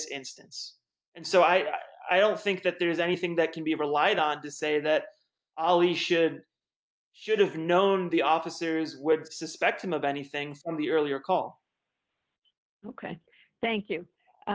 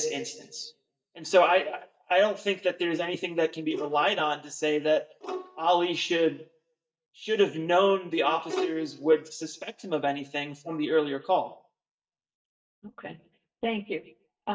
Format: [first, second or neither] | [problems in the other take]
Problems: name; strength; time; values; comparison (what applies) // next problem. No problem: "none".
first | noise reduction (neural mask model DeepFilterNet 3)